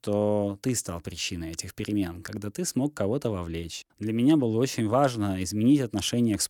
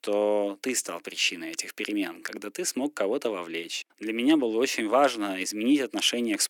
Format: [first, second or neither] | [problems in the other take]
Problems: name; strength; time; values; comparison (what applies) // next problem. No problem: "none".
first | thin; very slightly; fading below 300 Hz